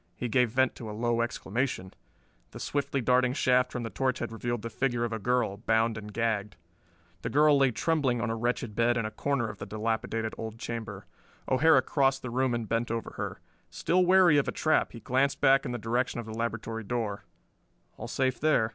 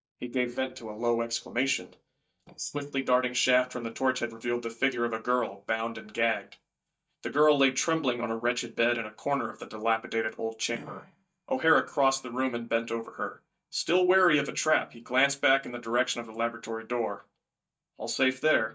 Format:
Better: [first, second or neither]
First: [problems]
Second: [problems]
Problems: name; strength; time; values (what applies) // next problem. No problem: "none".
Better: first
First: none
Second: noise reduction (neural mask model DeepFilterNet 3)